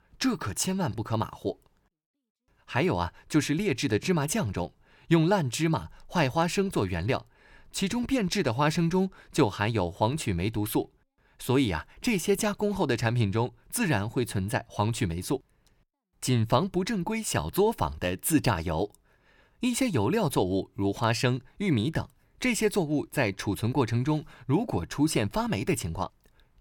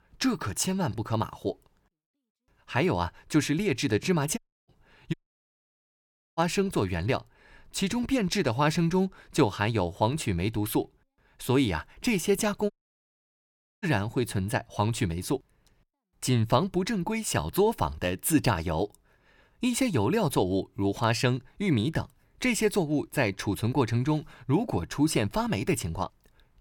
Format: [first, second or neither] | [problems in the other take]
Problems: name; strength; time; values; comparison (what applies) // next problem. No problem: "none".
first | audio cutting out; at 4.5 s, at 5 s for 1 s and at 13 s for 1 s